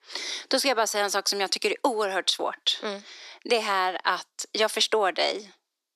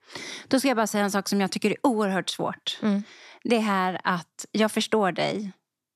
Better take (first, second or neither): second